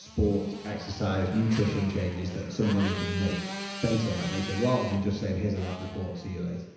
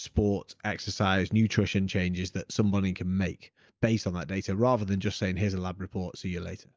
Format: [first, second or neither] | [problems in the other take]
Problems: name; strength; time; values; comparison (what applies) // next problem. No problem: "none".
second | background sound (Motorcycle); 11 dB below the speech // room echo; dies away in 1 s